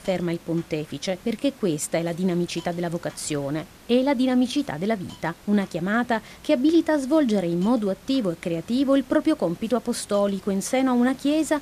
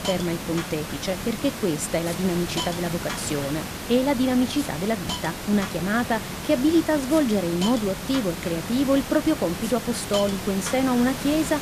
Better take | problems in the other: first | hiss; loud; throughout; 7 dB below the speech; faint in the first

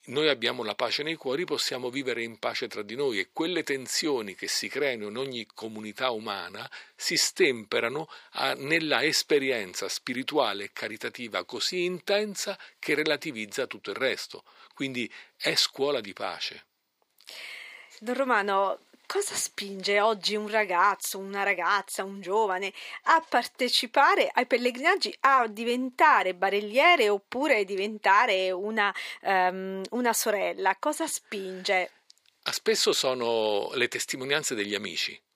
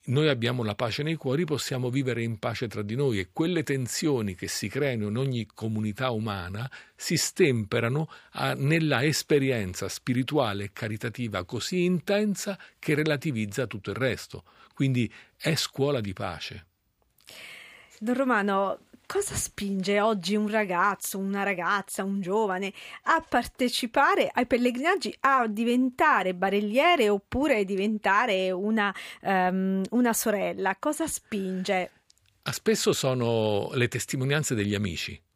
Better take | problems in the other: second | thin; somewhat; fading below 400 Hz

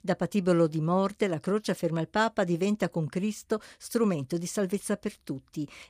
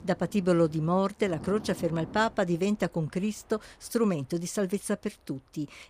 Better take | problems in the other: first | train or aircraft noise; noticeable; throughout; 20 dB below the speech

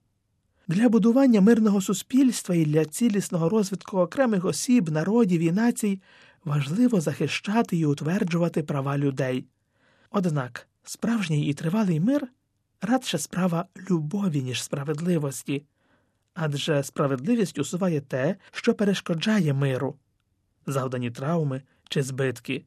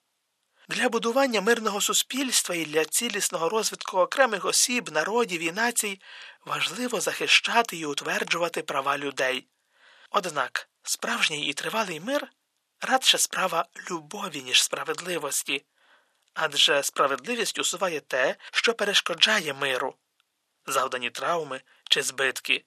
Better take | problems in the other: first | thin; very; fading below 800 Hz

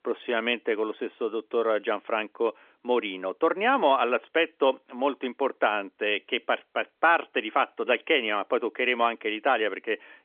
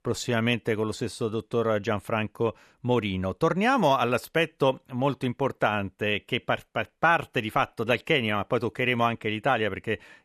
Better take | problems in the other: second | phone-call audio; nothing above 3.5 kHz

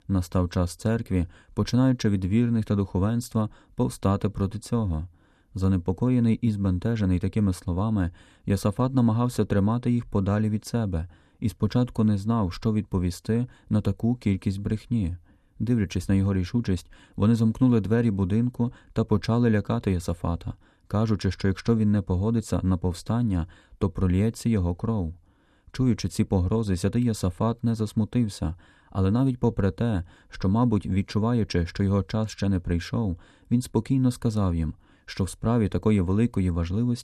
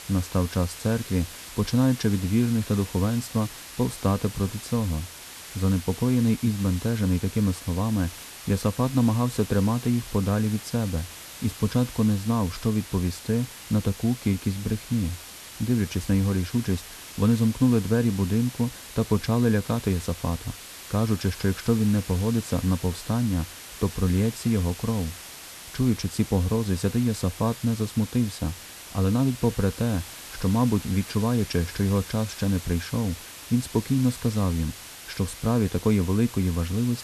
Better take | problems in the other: first | hiss; noticeable; throughout; 15 dB below the speech

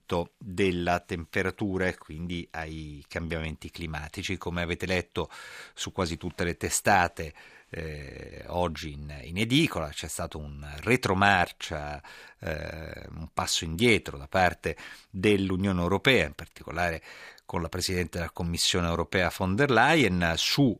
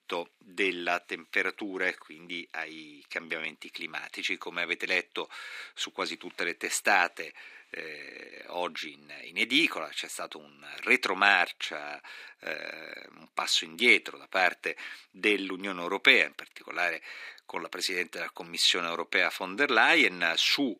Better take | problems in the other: first | thin; somewhat; fading below 300 Hz

